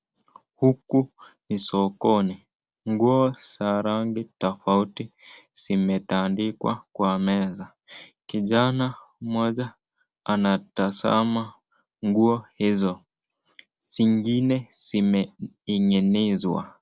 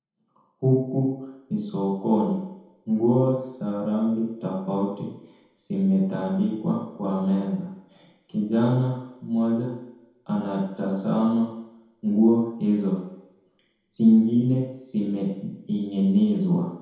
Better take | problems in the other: first | room echo; dies away in 0.9 s

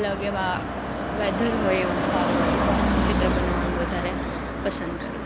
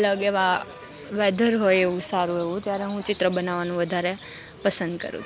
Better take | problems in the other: second | background sound (Car passing by); 4 dB above the speech

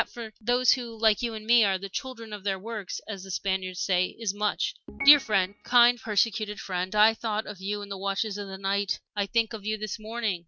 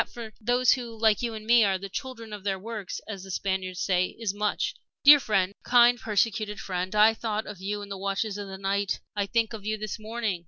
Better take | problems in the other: second | noise reduction (neural mask model RNNoise)

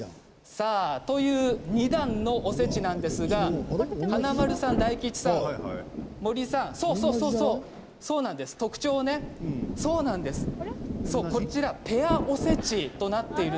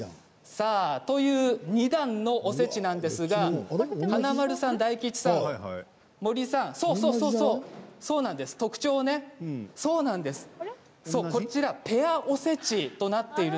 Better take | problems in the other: second | background sound (Rain); 7 dB below the speech

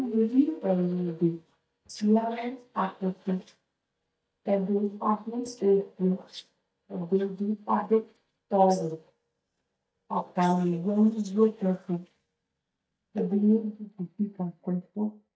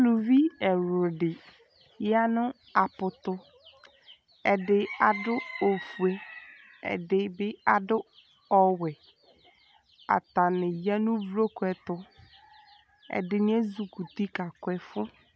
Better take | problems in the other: second | noise reduction (neural mask model DeepFilterNet 3)

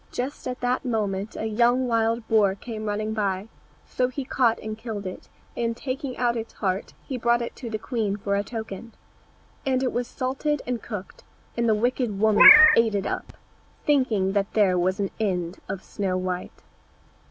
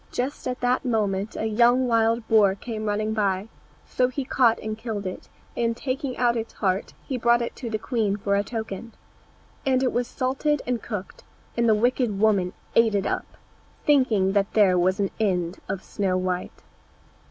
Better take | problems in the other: second | background sound (Meow); 5 dB above the speech

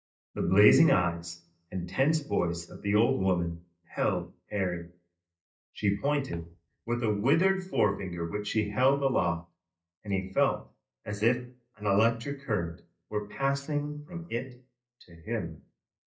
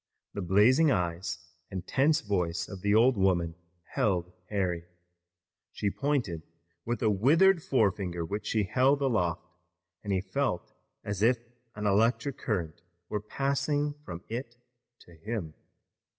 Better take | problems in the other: second | noise reduction (neural mask model DeepFilterNet 3)

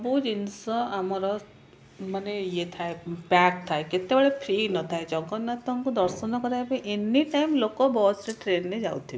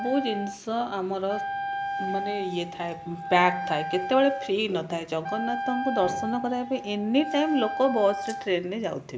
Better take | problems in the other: first | background sound (Wind instrument, woodwind instrument); 7 dB below the speech

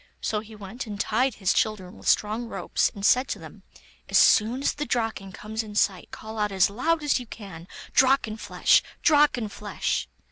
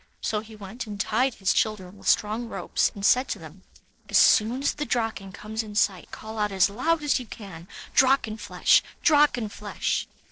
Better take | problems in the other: first | noise reduction (neural separator model SepFormer DNS4)

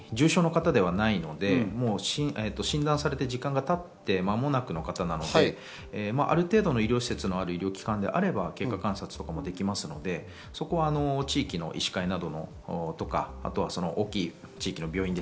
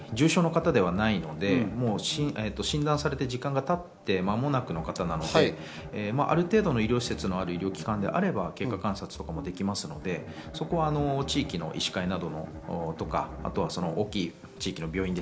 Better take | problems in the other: first | background sound (Bowed string instrument); 15 dB below the speech

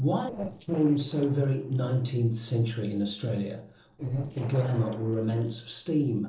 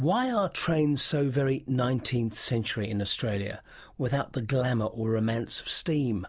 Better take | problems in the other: second | noise reduction (neural separator model SepFormer DNS4)

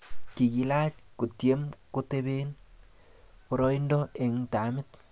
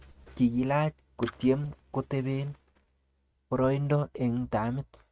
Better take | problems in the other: first | noise reduction (neural mask model RNNoise)

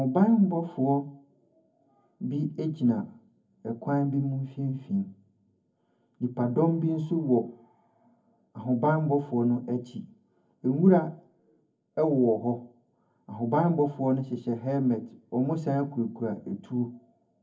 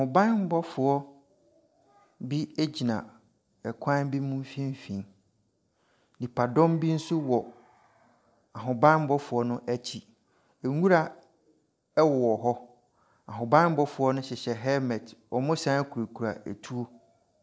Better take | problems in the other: second | room echo; dies away in 0.3 s

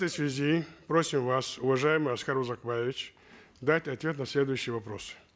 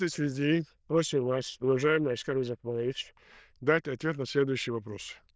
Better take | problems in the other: first | noise reduction (neural diffusion model UNIVERSE++)

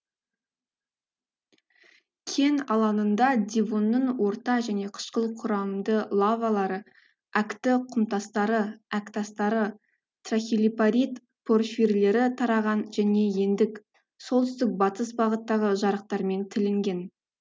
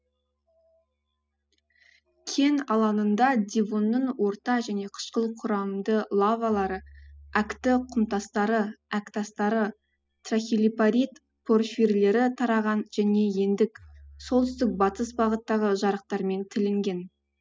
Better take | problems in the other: first | noise reduction (classical method spectral subtraction)

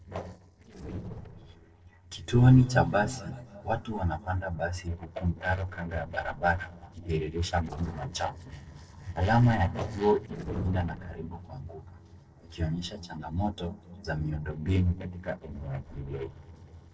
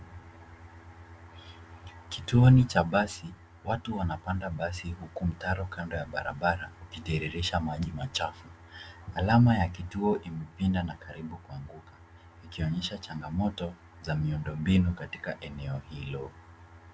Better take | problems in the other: second | noise reduction (neural separator model SepFormer DNS4)

